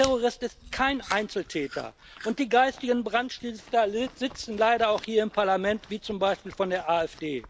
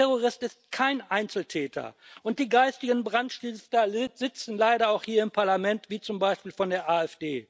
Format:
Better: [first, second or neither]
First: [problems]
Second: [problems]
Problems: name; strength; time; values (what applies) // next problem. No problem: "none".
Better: second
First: background sound (Chewing, mastication); 19 dB below the speech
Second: none